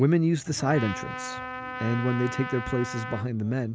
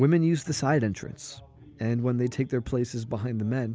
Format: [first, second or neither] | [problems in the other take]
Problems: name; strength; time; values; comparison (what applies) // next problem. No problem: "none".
second | background sound (Trumpet); 9 dB below the speech